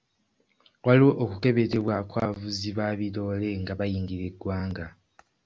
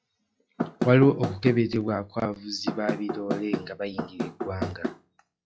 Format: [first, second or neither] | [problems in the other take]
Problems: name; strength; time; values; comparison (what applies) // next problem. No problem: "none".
first | noise reduction (classical method log-MMSE)